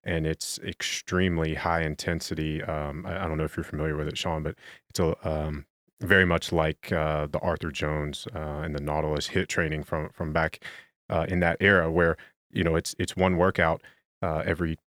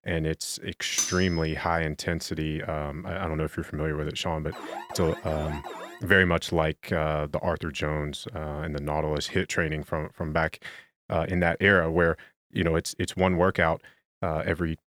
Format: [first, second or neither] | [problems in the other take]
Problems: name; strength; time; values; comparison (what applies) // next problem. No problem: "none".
first | clattering dishes; loud; at 1 s; peak level with the speech // alarm; faint; from 4.5 to 6 s; peak 10 dB below the speech